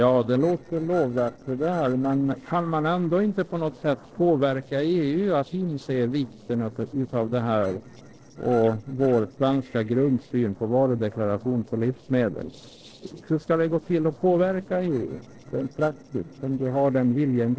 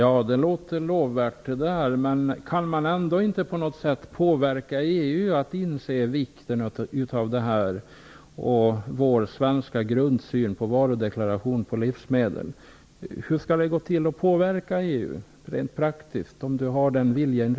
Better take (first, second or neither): second